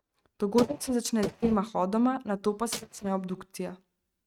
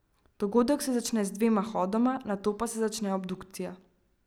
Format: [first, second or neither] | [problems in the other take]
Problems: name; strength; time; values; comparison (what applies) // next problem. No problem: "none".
second | noise reduction (neural mask model RNNoise)